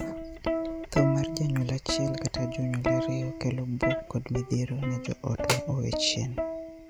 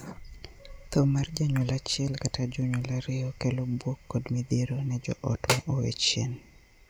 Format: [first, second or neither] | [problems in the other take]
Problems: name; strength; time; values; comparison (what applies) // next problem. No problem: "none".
second | background sound (Plucked string instrument); 3 dB below the speech